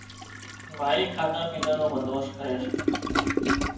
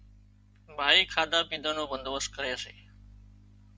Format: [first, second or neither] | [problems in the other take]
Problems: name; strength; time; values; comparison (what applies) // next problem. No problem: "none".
second | background sound (Toilet flush); 1 dB below the speech // room echo; dies away in 0.9 s